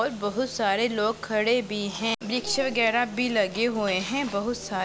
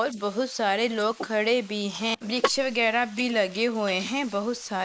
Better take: first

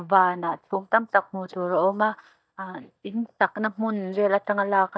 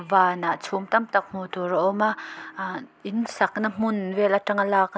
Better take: second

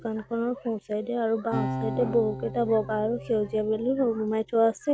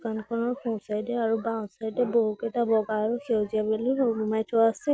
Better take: second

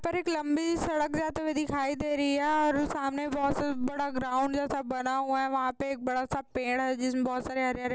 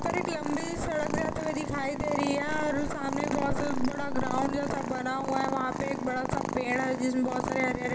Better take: first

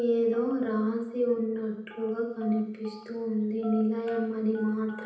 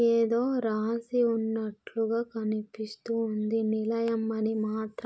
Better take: second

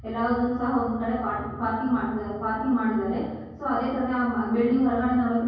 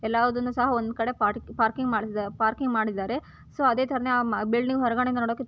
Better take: second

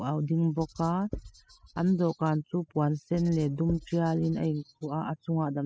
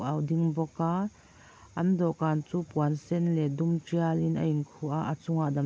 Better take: second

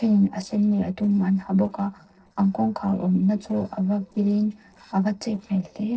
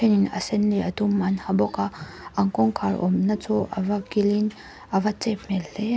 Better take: second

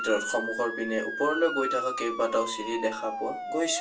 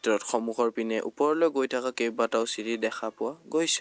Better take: second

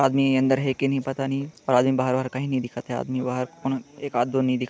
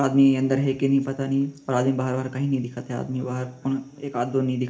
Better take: first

